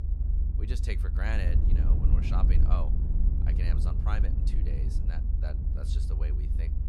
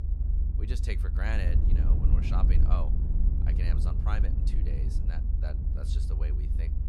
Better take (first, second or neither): neither